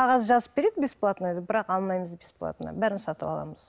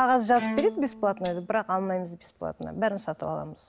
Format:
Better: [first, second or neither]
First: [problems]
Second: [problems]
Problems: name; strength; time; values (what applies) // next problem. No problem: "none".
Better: first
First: none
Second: background sound (Bowed string instrument + Tambourine); 12 dB below the speech